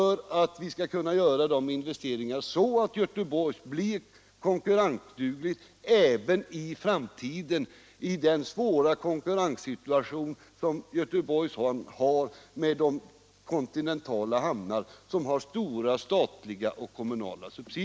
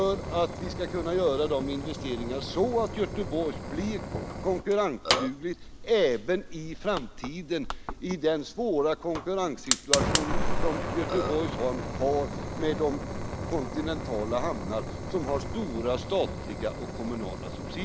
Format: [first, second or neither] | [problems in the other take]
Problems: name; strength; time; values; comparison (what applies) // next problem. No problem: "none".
first | background sound (Burping, eructation + Fire); 3 dB below the speech